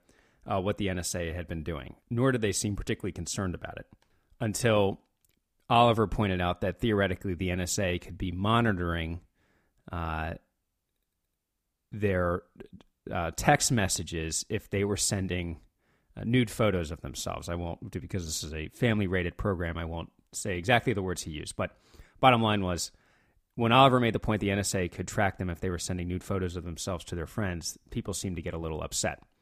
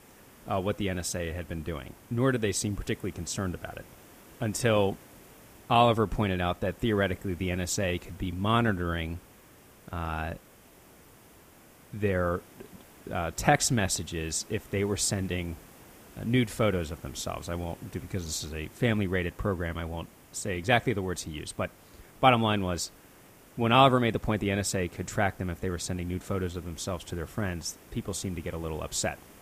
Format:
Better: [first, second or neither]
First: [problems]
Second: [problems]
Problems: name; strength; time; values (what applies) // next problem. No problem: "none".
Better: first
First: none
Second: hiss; faint; throughout; 25 dB below the speech